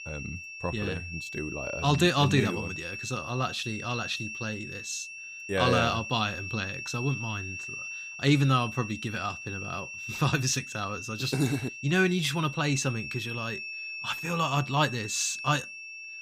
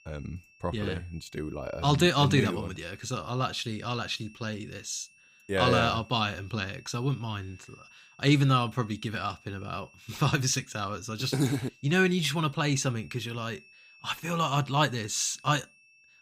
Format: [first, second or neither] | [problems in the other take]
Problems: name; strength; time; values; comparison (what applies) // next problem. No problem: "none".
second | high-pitched whine; loud; throughout; 2.5 kHz, 8 dB below the speech; faint in the second